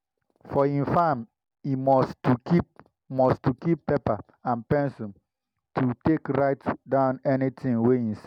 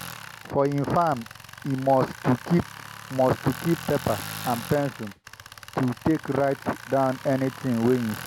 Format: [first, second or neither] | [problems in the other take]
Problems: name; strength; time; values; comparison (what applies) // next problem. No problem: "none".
first | background sound (Tools); 14 dB below the speech